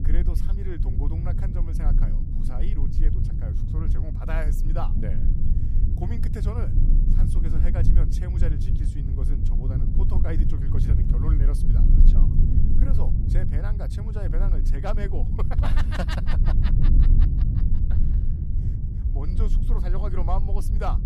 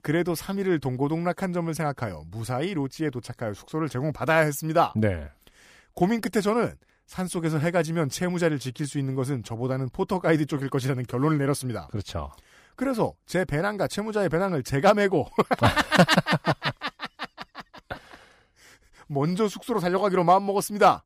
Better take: second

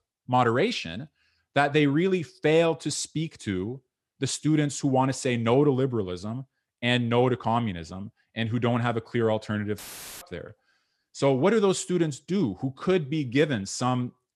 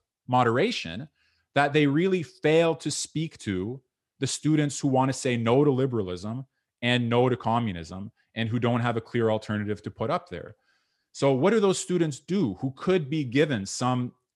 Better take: second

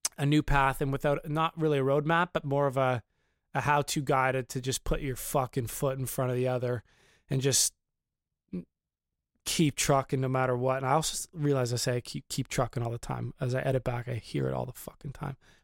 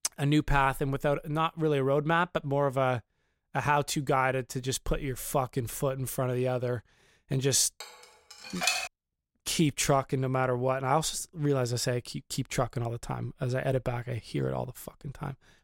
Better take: first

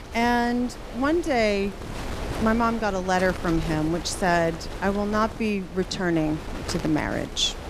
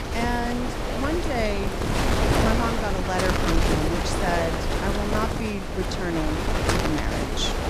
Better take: first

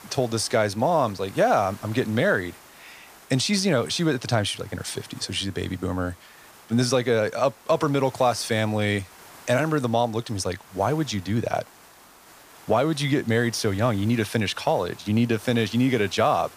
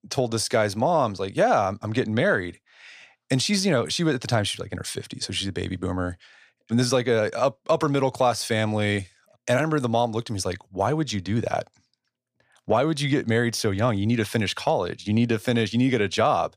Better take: second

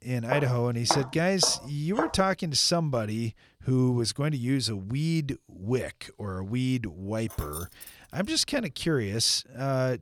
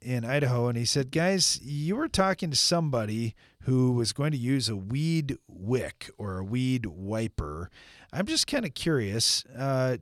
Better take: second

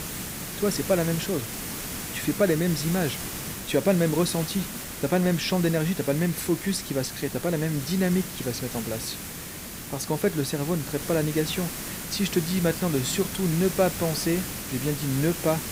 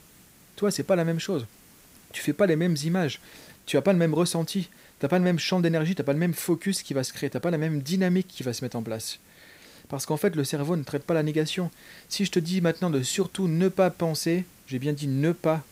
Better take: second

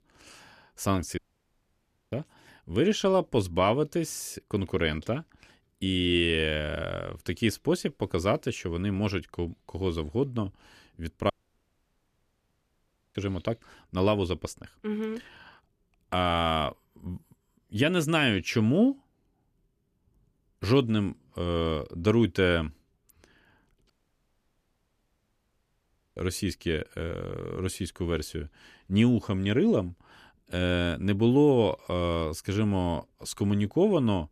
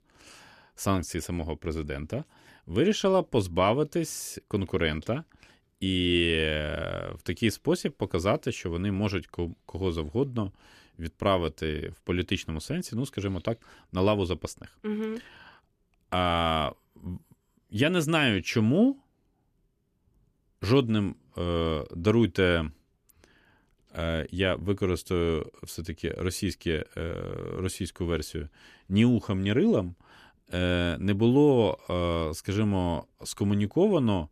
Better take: second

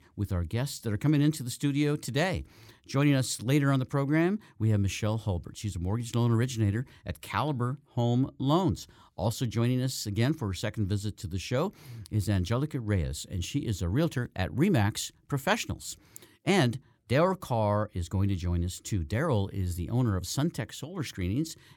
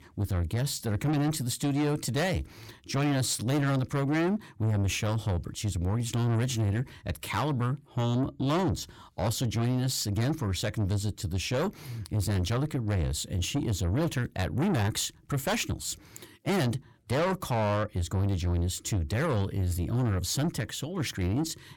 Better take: first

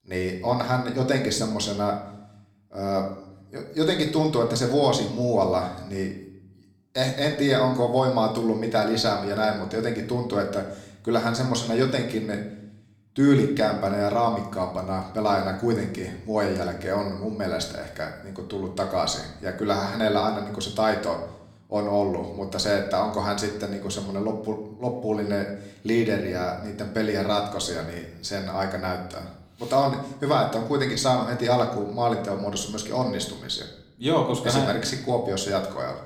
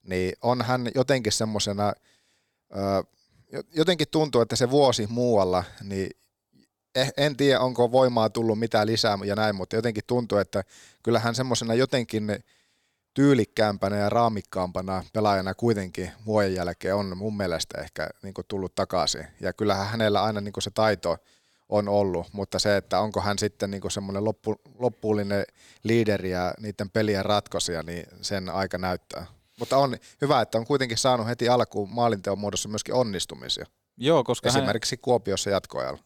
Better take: second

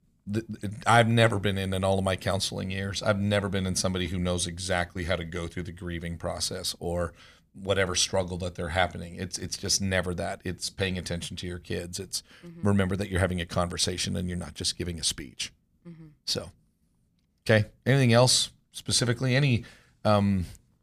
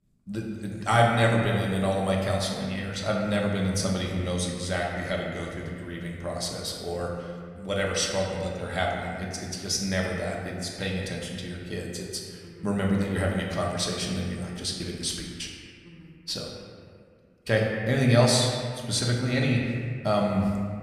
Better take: first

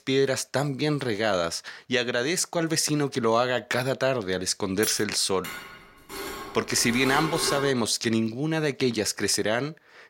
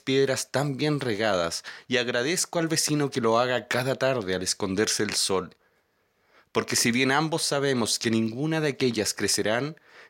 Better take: second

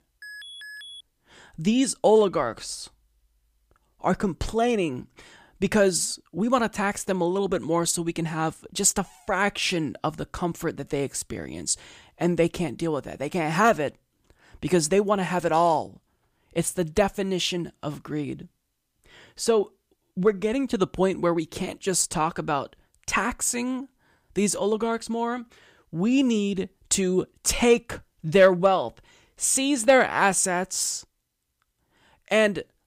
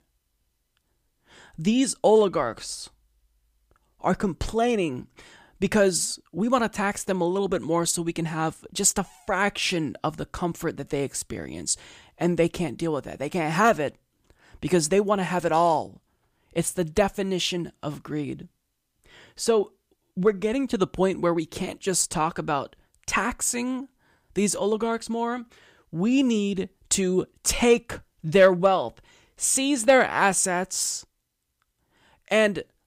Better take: second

